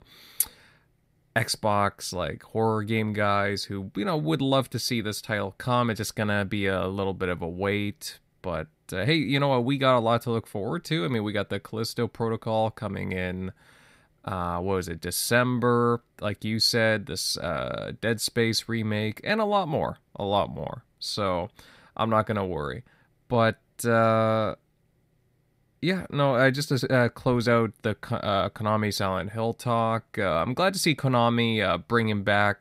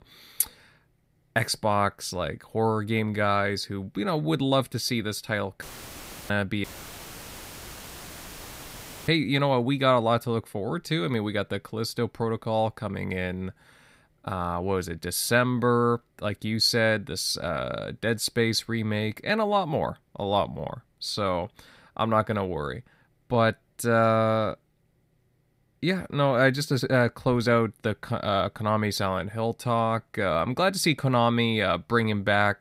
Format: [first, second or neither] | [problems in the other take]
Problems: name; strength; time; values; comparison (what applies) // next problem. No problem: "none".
first | audio cutting out; filled with static; at 5.5 s for 0.5 s and at 6.5 s for 2.5 s